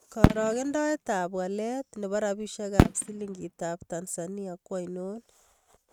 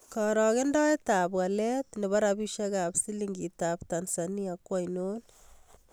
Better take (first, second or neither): second